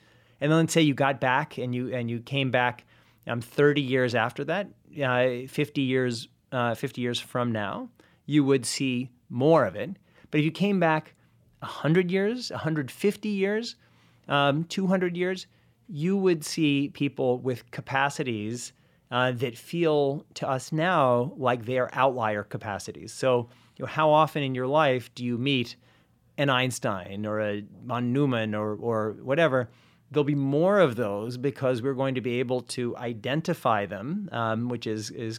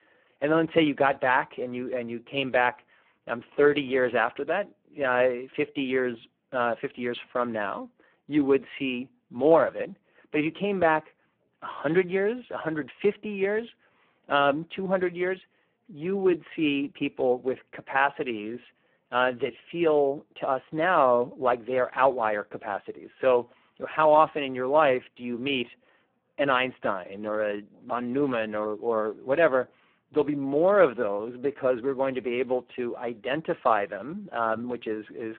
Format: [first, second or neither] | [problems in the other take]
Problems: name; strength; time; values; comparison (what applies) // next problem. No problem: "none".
first | phone-call audio; poor line